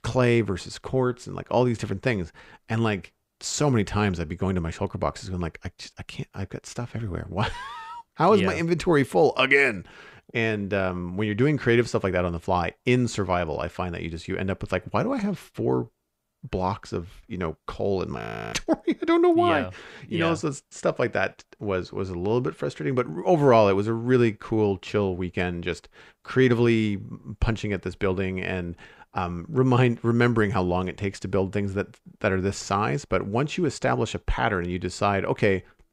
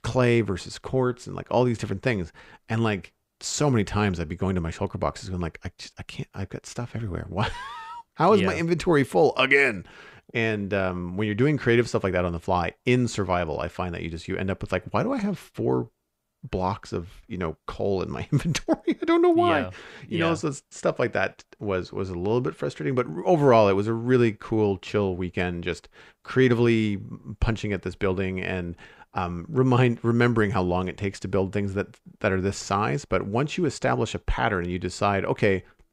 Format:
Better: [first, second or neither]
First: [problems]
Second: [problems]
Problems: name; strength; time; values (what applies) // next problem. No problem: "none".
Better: second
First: audio freezing; at 18 s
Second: none